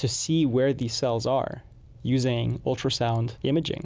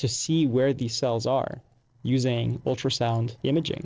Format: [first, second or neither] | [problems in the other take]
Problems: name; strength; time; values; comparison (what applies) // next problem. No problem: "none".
first | noise reduction (neural separator model SepFormer DNS4)